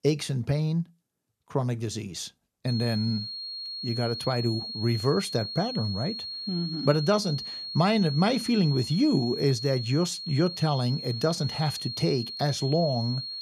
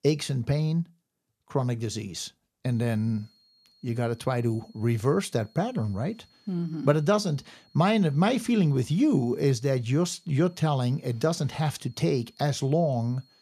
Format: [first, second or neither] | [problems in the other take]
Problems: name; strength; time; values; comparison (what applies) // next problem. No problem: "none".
second | high-pitched whine; loud; from 2.5 s on; 4.5 kHz, 6 dB below the speech; faint in the second